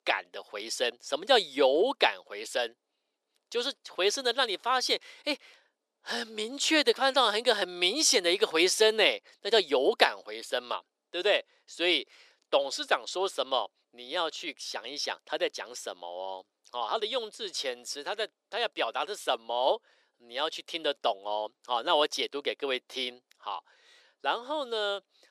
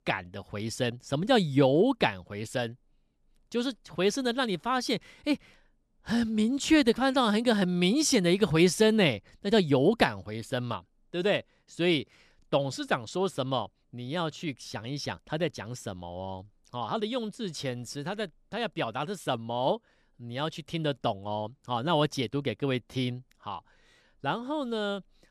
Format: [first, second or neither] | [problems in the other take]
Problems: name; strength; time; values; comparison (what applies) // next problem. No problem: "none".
second | thin; very; fading below 400 Hz